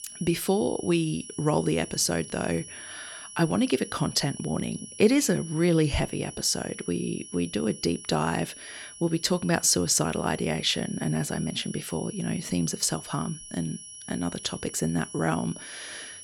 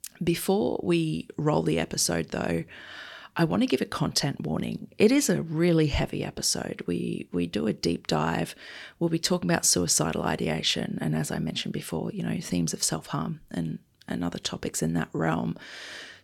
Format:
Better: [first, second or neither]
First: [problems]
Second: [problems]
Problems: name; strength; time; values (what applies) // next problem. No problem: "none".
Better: second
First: high-pitched whine; noticeable; throughout; 10 kHz, 15 dB below the speech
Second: none